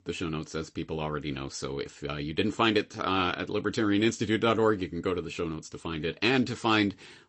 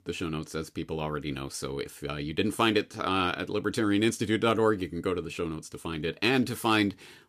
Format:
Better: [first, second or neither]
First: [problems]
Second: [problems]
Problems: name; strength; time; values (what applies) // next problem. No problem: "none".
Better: second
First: garbled, watery; slightly; nothing above 8 kHz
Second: none